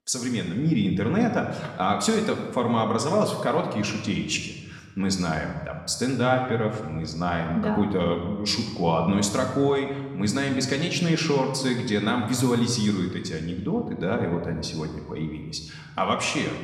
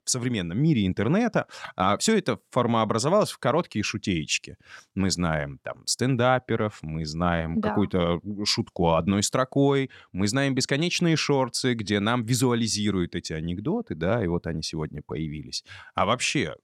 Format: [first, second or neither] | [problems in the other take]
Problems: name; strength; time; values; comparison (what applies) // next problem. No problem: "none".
second | room echo; slight; dies away in 1.1 s // off-mic speech; somewhat distant